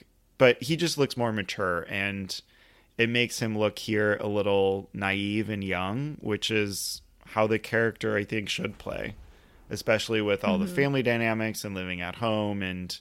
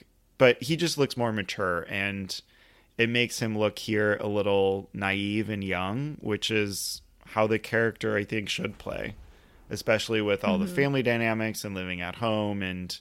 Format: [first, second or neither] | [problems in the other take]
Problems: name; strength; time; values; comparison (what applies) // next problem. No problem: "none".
neither | none